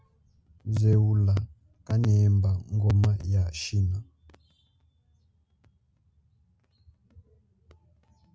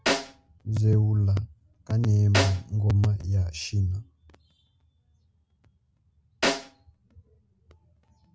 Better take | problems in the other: first | background sound (Snare drum); 5 dB below the speech

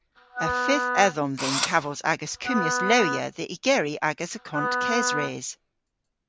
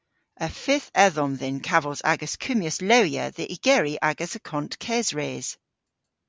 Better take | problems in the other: second | background sound (Wind instrument, woodwind instrument + Engine / Drill); 3 dB below the speech

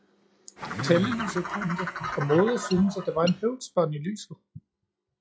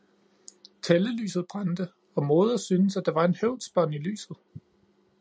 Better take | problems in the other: second | noise reduction (classical method log-MMSE)

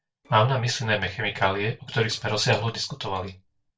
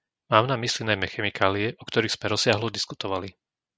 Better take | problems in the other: second | noise reduction (neural separator model SepFormer DNS4)

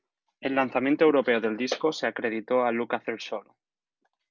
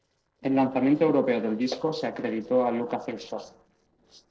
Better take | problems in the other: first | noise reduction (neural separator model SepFormer DNS4)

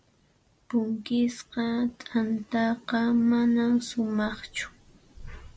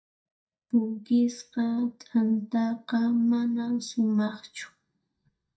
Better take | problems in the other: first | noise reduction (neural mask model DeepFilterNet 3)

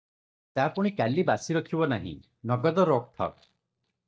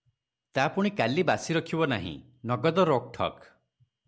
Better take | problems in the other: second | noise reduction (neural mask model DeepFilterNet 3)

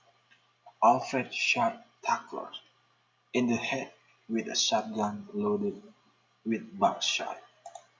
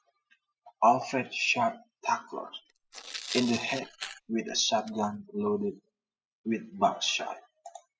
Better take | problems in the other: first | noise reduction (classical method spectral subtraction)

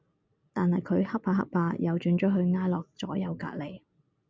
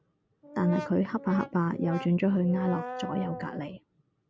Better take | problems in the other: first | background sound (Brass instrument); 11 dB below the speech

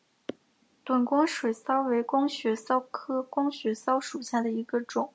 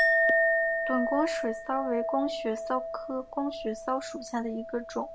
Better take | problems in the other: first | background sound (Chink, clink); 2 dB above the speech

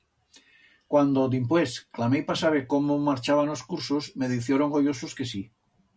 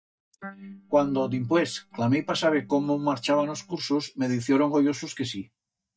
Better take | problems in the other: first | noise reduction (neural mask model DeepFilterNet 3)

